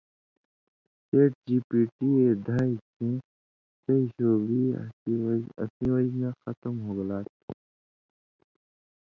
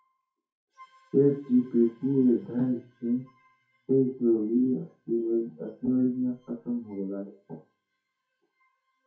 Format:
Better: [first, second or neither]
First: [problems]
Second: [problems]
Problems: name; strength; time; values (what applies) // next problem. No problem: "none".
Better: first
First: none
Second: noise reduction (classical method WPE with log-MMSE)